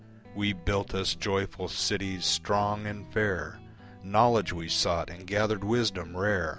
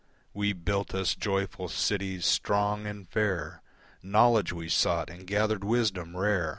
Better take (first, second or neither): second